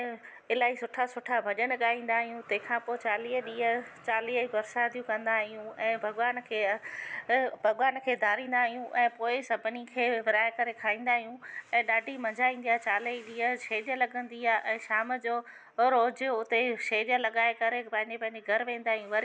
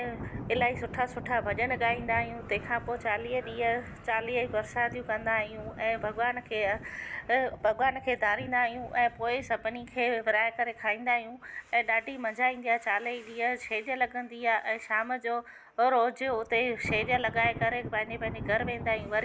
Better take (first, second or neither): first